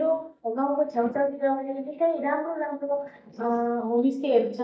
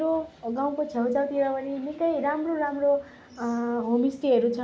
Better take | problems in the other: second | noise reduction (neural mask model DeepFilterNet 3)

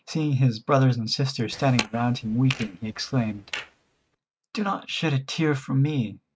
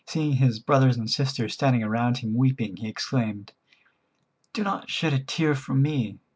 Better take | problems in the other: second | noise reduction (neural mask model RNNoise)

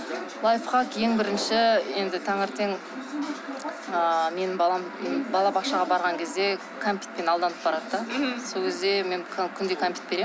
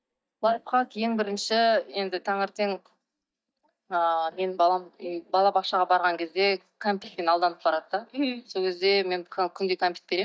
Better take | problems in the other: first | noise reduction (neural mask model DeepFilterNet 3)

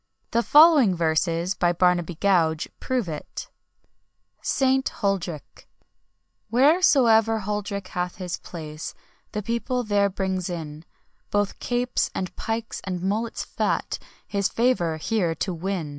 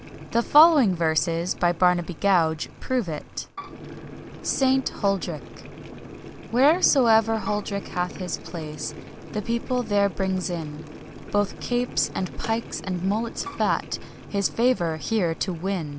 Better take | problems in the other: first | background sound (Boiling + Bowed string instrument); 14 dB below the speech

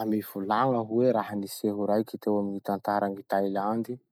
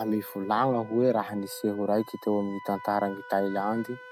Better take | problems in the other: first | background sound (Wind instrument, woodwind instrument); 17 dB below the speech

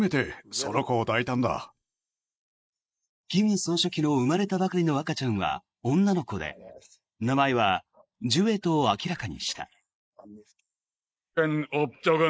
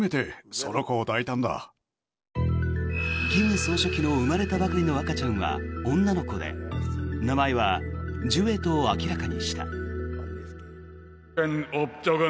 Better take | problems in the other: second | noise reduction (neural mask model Resemble Enhance denoiser)

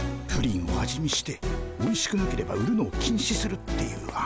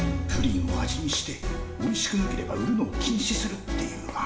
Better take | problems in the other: first | background sound (Guitar); 10 dB below the speech // room echo; dies away in 0.7 s

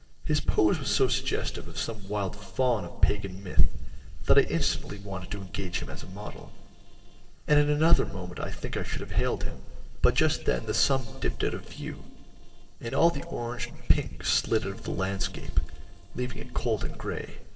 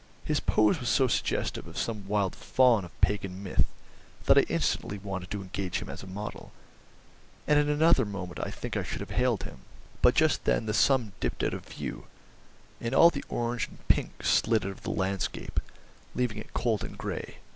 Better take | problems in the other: second | noise reduction (neural separator model SepFormer DNS4)

